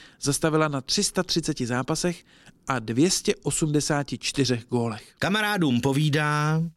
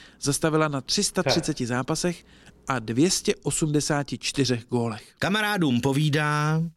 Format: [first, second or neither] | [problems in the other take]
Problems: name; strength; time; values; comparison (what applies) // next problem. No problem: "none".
first | animal sounds; very faint; throughout; 6 dB below the speech